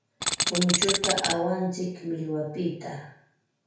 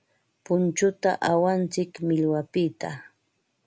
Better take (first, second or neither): second